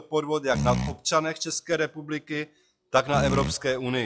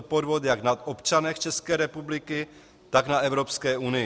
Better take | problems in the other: second | noise reduction (classical method log-MMSE)

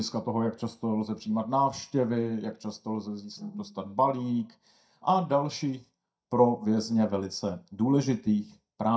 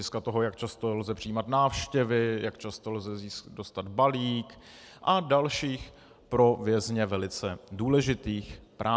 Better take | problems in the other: second | noise reduction (neural mask model DeepFilterNet 3)

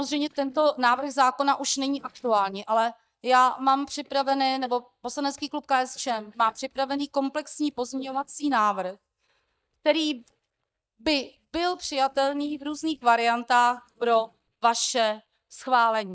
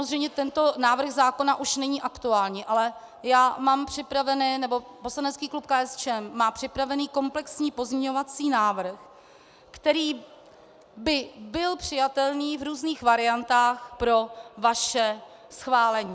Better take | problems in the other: second | noise reduction (neural mask model DeepFilterNet 3)

